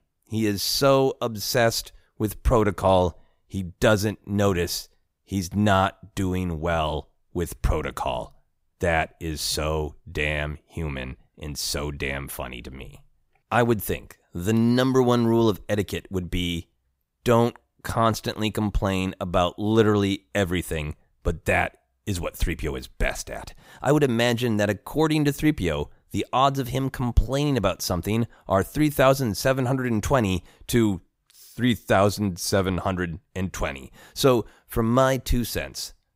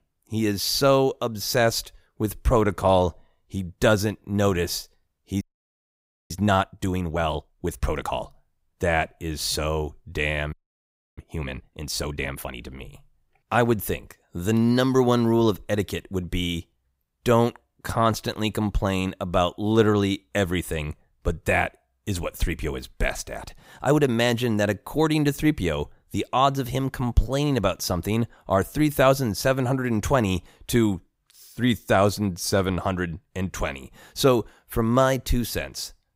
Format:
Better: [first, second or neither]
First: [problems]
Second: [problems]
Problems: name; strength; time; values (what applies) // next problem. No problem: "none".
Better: first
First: none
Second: audio freezing; at 5.5 s for 1 s and at 11 s for 0.5 s